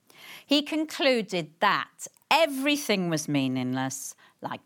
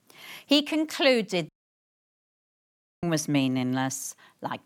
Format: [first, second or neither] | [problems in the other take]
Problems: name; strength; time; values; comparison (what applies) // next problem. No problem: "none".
first | audio cutting out; at 1.5 s for 1.5 s